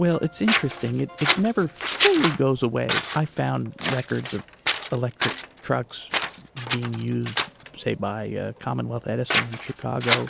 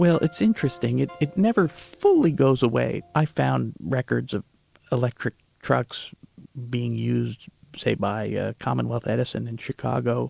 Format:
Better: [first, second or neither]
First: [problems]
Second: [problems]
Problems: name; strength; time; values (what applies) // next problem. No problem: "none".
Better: second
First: background sound (Scissors); 4 dB below the speech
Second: none